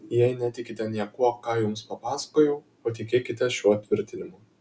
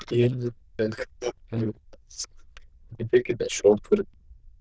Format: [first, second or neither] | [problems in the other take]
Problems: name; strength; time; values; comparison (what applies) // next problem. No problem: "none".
first | noise reduction (neural diffusion model UNIVERSE++)